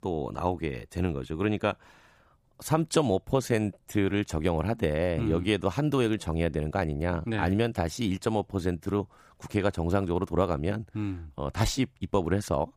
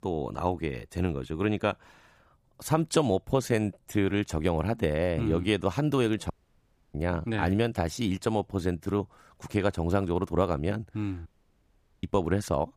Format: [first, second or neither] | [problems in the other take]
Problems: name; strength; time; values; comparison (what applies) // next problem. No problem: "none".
first | audio cutting out; at 6.5 s for 0.5 s and at 11 s for 1 s